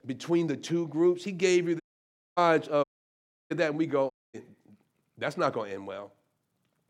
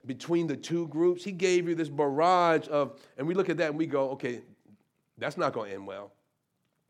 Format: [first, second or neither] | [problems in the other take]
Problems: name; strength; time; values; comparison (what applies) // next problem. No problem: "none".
second | audio cutting out; at 2 s for 0.5 s, at 3 s for 0.5 s and at 4 s